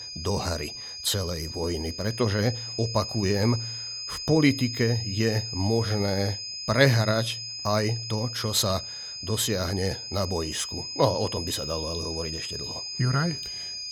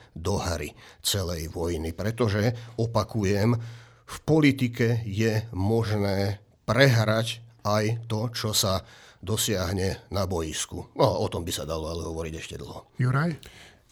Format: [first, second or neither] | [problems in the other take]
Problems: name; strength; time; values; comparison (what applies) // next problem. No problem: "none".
second | high-pitched whine; loud; throughout; 5 kHz, 6 dB below the speech